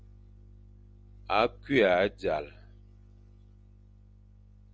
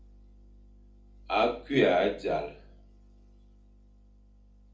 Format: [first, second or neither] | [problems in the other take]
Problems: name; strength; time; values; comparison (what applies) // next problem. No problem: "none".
first | room echo; dies away in 0.4 s